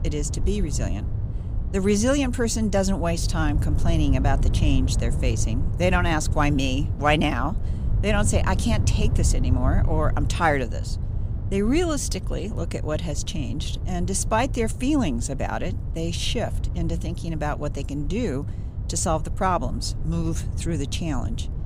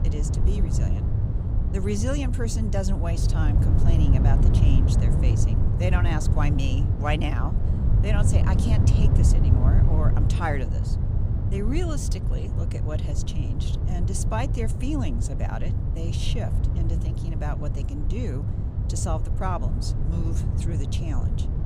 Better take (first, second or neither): first